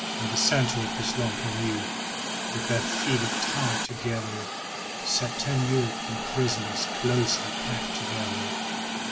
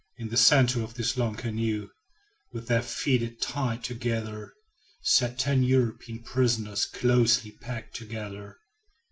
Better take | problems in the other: second | background sound (Hiss); 1 dB below the speech

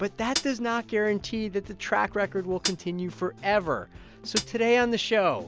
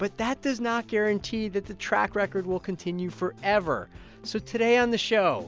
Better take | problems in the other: second | background sound (Hi-hat); 10 dB below the speech

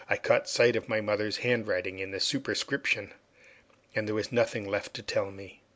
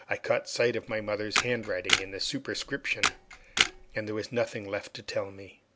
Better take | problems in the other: first | background sound (Camera); 1 dB above the speech

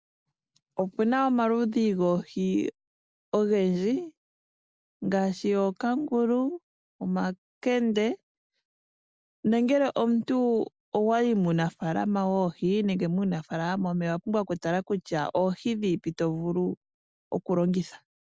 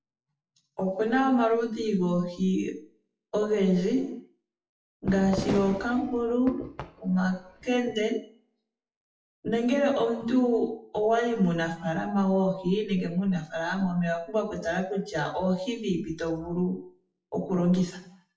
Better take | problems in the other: first | noise reduction (classical method WPE with log-MMSE)

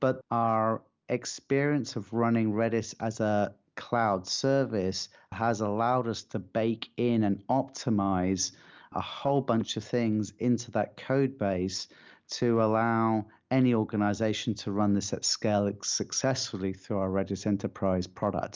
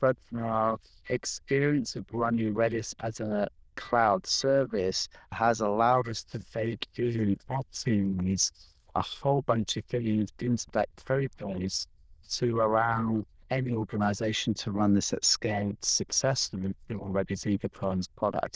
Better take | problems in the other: first | noise reduction (neural diffusion model UNIVERSE++)

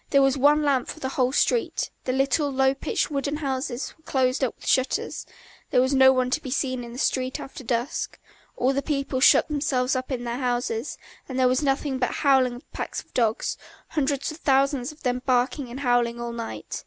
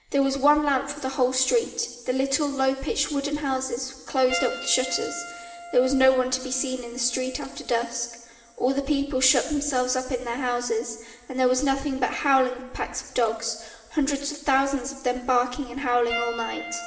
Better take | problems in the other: first | background sound (Piano); 16 dB below the speech // room echo; dies away in 2.5 s

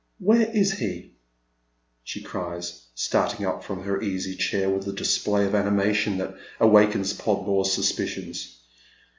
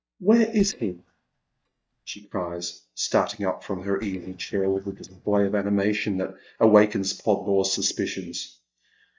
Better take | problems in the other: first | noise reduction (neural mask model DeepFilterNet 3)

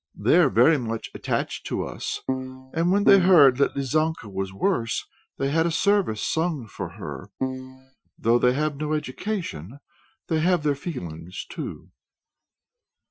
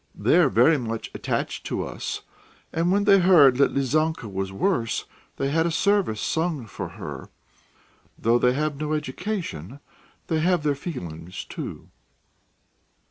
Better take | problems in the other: second | noise reduction (classical method Wiener filter)

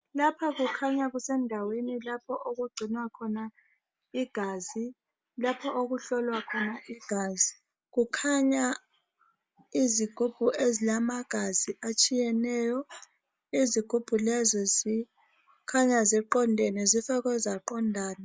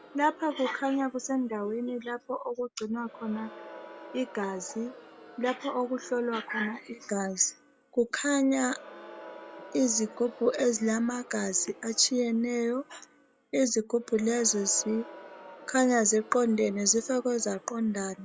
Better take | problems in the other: first | background sound (Crowd); 20 dB below the speech

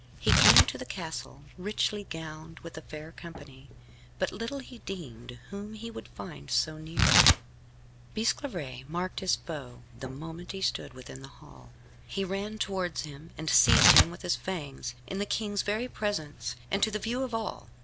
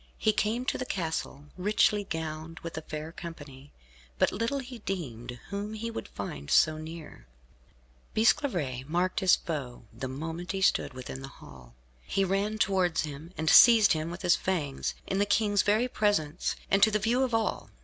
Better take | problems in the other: second | background sound (Tearing); 1 dB above the speech

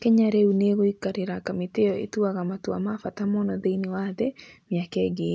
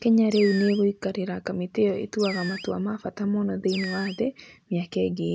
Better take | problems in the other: first | background sound (Animal); 15 dB below the speech

